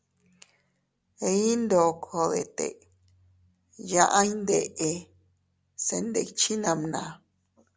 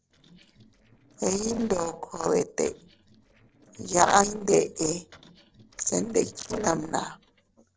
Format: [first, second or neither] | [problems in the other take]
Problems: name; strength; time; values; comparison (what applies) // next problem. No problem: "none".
first | noise reduction (neural separator model SepFormer DNS4)